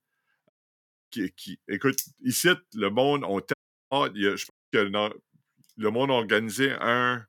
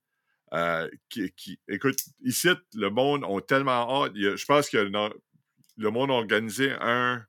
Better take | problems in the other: second | audio cutting out; at 0.5 s for 0.5 s, at 3.5 s and at 4.5 s

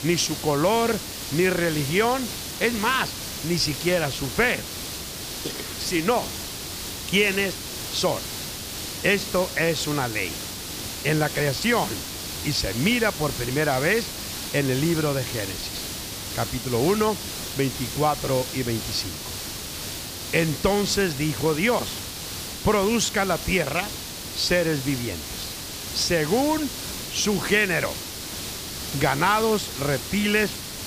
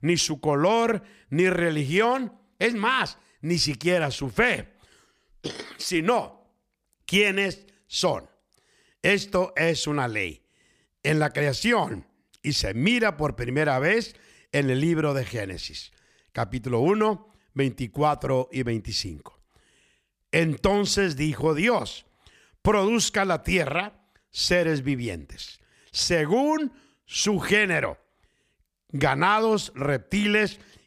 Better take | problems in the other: second | hiss; loud; throughout; 7 dB below the speech

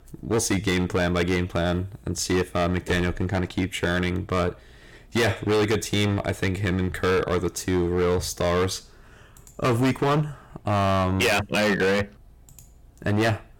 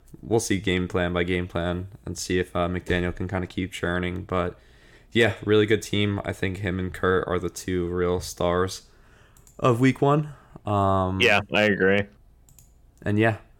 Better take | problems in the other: second | distortion; heavy; 14% of the sound clipped

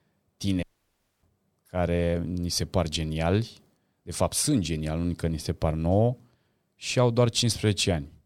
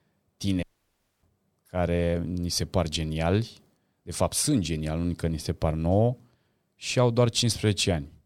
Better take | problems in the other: neither | audio cutting out; at 0.5 s for 0.5 s; the same in both

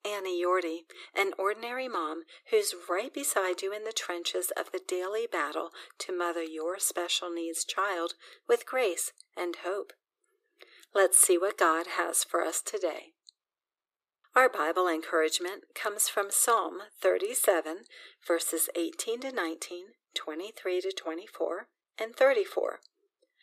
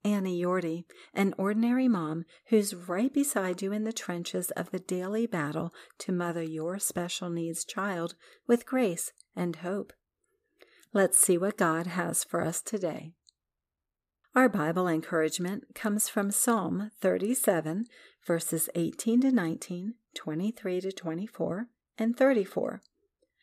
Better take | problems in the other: second | thin; very; fading below 350 Hz

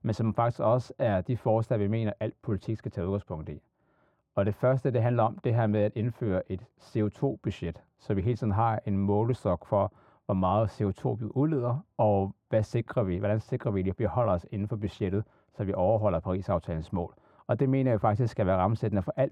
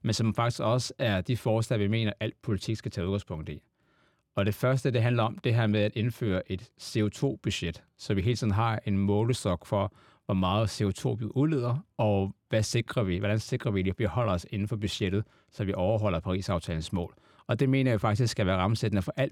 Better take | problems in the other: second | muffled; very; fading above 2 kHz

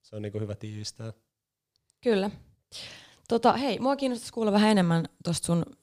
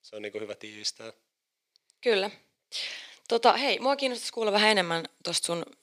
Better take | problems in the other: first | thin; somewhat; fading below 400 Hz

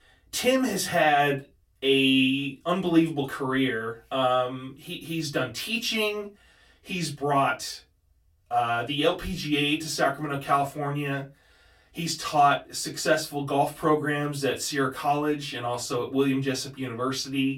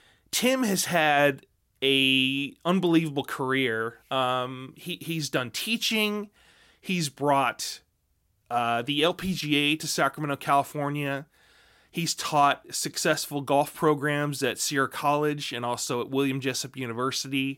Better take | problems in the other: second | off-mic speech; far // room echo; very slight; dies away in 0.2 s

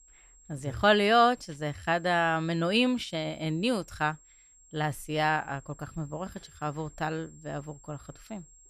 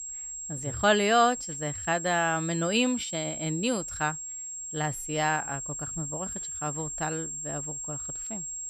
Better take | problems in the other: first | high-pitched whine; loud; throughout; 7.5 kHz, 5 dB below the speech; faint in the first

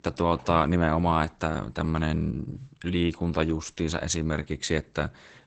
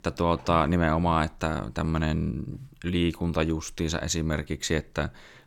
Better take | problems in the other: second | garbled, watery; badly; nothing above 8 kHz

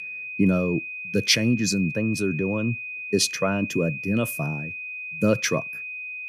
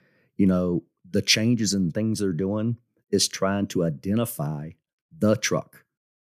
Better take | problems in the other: second | high-pitched whine; loud; throughout; 2.5 kHz, 7 dB below the speech

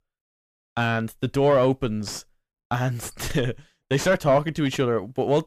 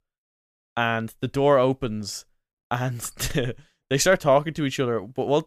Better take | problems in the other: second | distortion; slight; 10 dB below the speech

